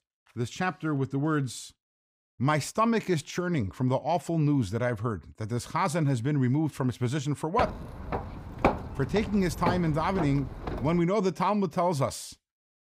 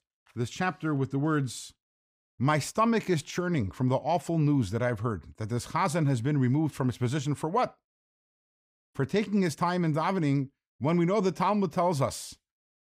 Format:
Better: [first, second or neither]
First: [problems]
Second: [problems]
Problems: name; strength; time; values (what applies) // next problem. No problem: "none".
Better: second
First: footsteps; loud; from 7.5 to 11 s; peak level with the speech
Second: none